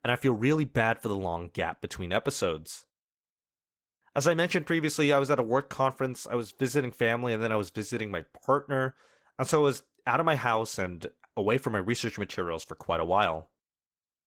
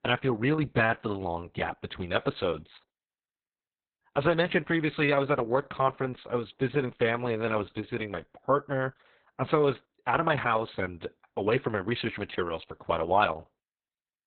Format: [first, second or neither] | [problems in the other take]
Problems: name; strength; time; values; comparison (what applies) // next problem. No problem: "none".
first | garbled, watery; badly; nothing above 4 kHz; slightly in the first